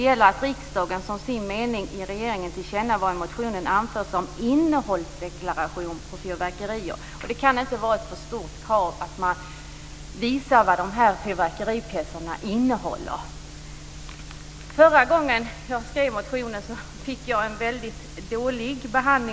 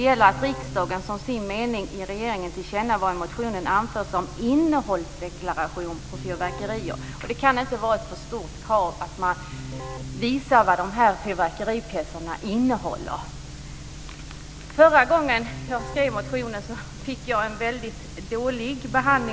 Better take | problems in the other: first | background sound (Keyboard (musical)); 16 dB below the speech

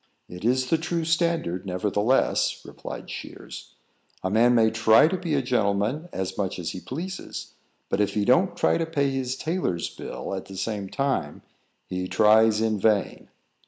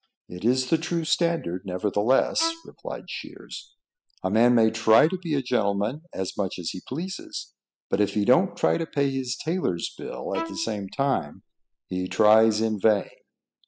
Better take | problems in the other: first | noise reduction (classical method spectral subtraction)

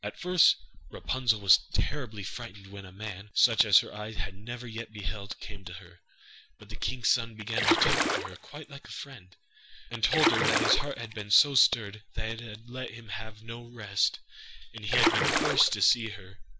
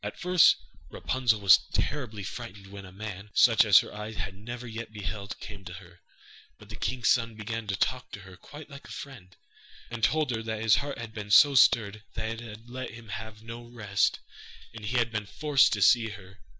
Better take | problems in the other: second | background sound (Splash, splatter); 2 dB above the speech

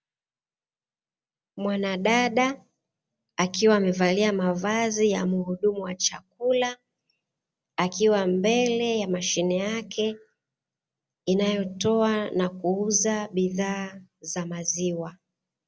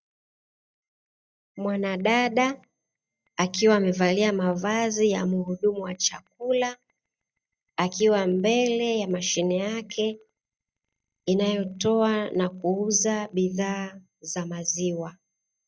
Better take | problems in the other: first | noise reduction (neural mask model DeepFilterNet 3)

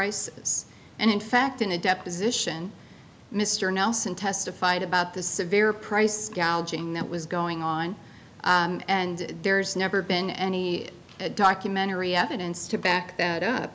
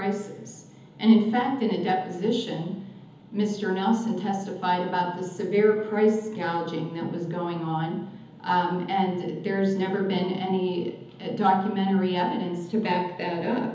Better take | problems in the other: first | room echo; dies away in 1.3 s

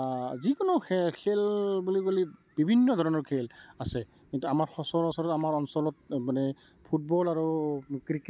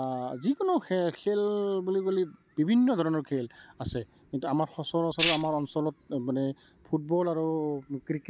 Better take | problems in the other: first | background sound (Tambourine); 3 dB below the speech

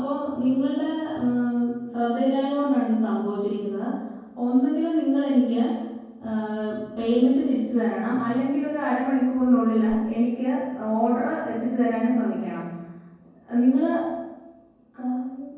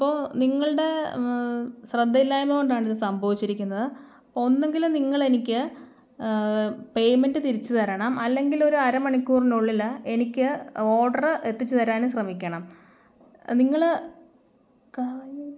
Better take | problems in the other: second | background sound (Whoosh, swoosh, swish); 17 dB below the speech // room echo; dies away in 1.3 s

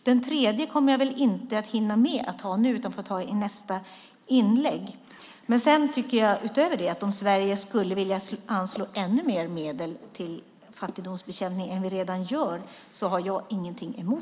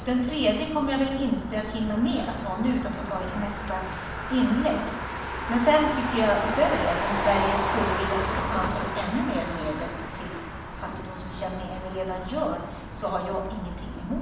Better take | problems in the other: first | background sound (Motor vehicle (road)); 4 dB below the speech // room echo; dies away in 1 s

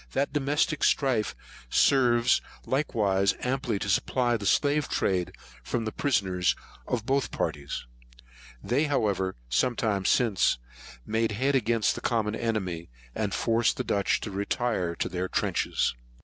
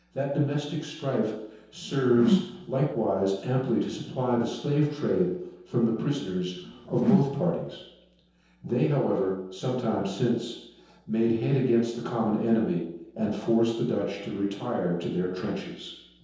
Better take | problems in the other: first | noise reduction (neural separator model SepFormer DNS4)

